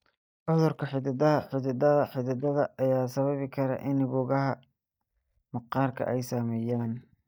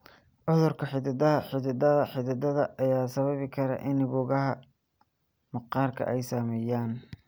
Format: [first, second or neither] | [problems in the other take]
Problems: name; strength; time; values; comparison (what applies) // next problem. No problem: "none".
second | noise reduction (neural mask model DeepFilterNet 3)